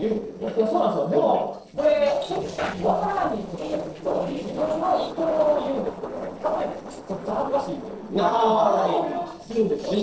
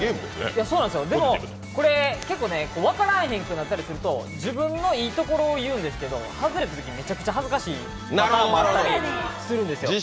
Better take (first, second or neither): second